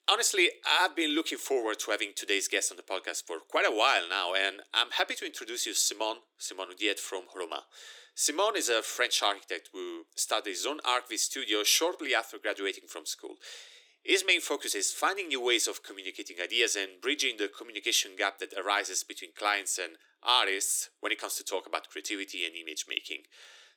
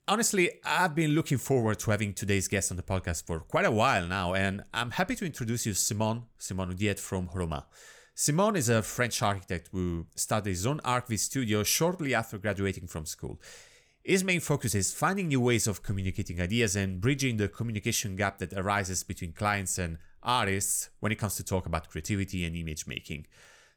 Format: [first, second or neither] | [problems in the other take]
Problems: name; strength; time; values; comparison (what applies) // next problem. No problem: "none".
second | thin; very; fading below 300 Hz